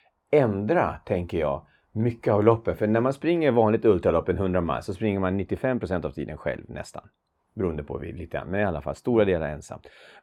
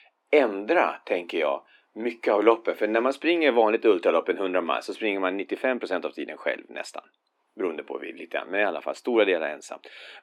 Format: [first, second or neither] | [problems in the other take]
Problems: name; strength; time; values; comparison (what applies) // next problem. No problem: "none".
first | thin; somewhat; fading below 250 Hz